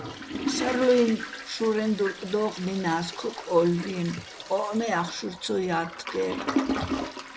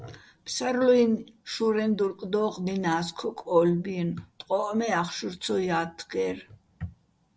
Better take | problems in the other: second | background sound (Toilet flush); 7 dB below the speech

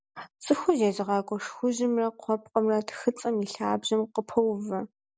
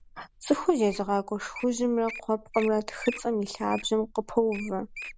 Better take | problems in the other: first | background sound (Wild animals); 16 dB below the speech

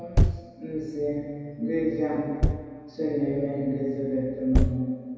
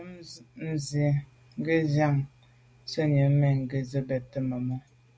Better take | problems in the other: second | background sound (Thump, thud); as loud as the speech // room echo; dies away in 2.2 s

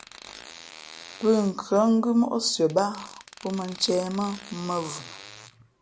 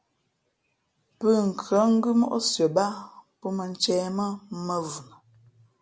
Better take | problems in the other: second | background sound (Fart); 19 dB below the speech

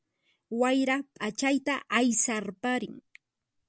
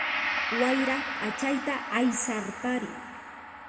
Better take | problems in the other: first | background sound (Gong); 3 dB below the speech // room echo; dies away in 2.2 s

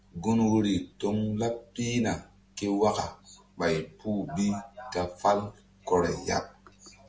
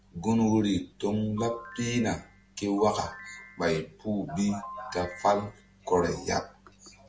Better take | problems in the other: first | background sound (Ringtone / Chime); 16 dB below the speech

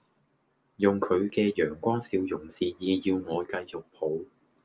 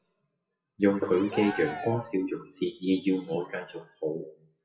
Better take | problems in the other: first | noise reduction (classical method WPE with log-MMSE)

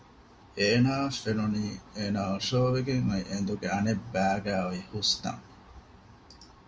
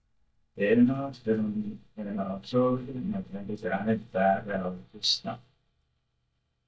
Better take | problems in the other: first | noise reduction (neural mask model DeepFilterNet 3)

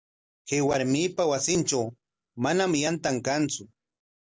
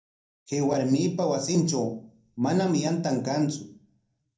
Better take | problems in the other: first | room echo; dies away in 0.6 s

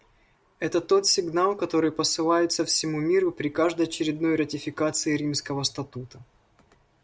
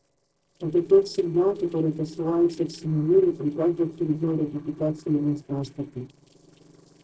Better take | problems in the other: first | noise reduction (neural separator model SepFormer DNS4)

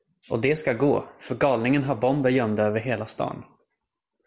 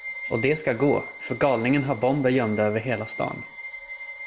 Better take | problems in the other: first | background sound (Bowed string instrument); 13 dB below the speech

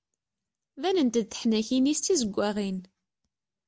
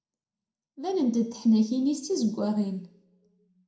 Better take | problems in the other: first | room echo; dies away in 0.5 s

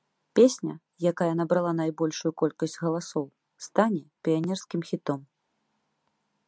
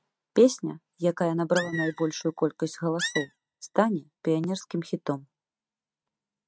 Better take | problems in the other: first | noise reduction (neural mask model RNNoise)

